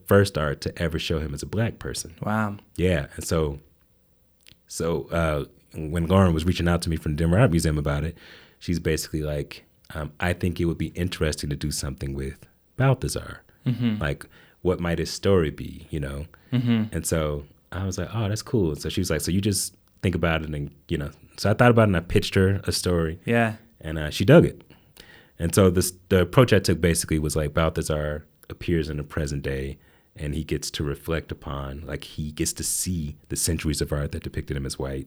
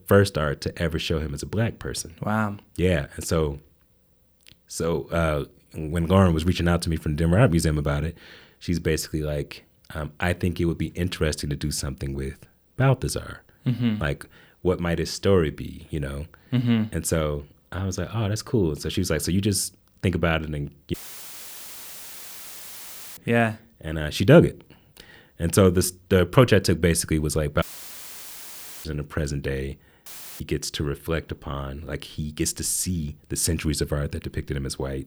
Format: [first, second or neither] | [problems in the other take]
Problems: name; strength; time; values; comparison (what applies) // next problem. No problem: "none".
first | audio cutting out; filled with static; at 21 s for 2 s, at 28 s for 1 s and at 30 s